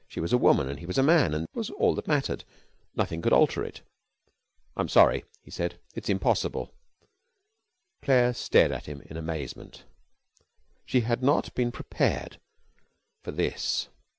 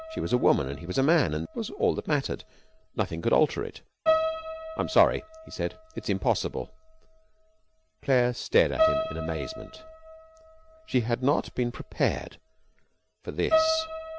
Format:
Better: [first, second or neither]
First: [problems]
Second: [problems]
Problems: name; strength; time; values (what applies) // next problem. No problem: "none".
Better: first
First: none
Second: background sound (Piano); 6 dB below the speech